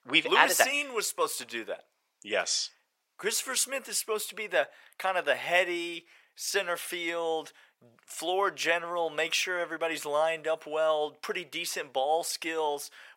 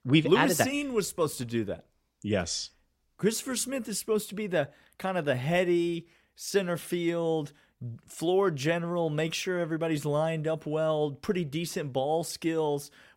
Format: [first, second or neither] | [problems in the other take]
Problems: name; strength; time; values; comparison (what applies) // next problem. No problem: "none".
second | thin; very; fading below 750 Hz